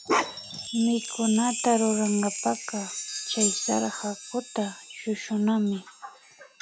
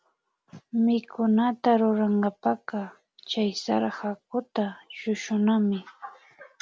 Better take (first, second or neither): second